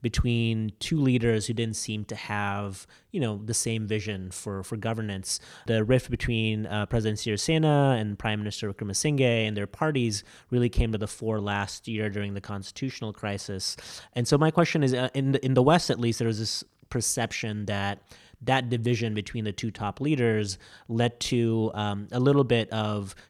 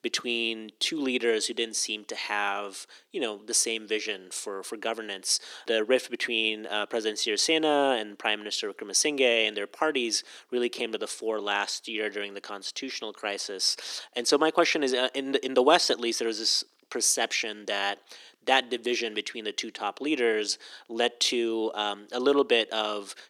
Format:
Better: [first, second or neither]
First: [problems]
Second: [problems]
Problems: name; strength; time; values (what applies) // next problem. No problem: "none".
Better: first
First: none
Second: thin; somewhat; fading below 300 Hz